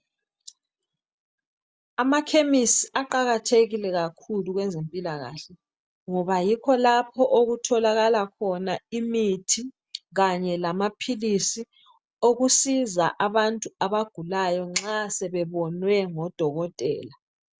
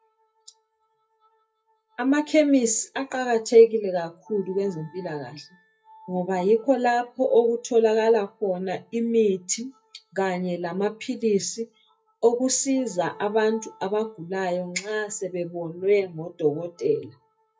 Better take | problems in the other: first | noise reduction (classical method WPE with log-MMSE)

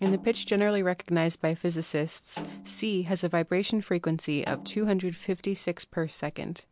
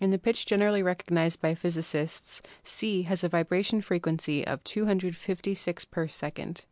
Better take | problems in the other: second | background sound (Snare drum); 18 dB below the speech

